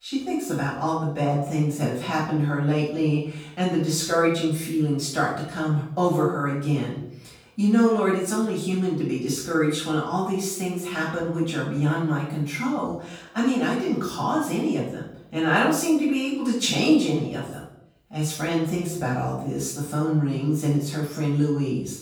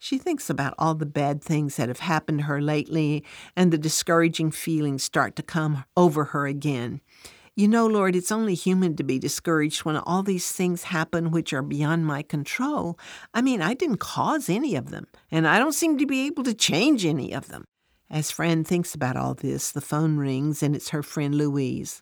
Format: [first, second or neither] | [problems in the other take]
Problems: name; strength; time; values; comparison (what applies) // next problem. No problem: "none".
second | off-mic speech; far // room echo; noticeable; dies away in 0.6 s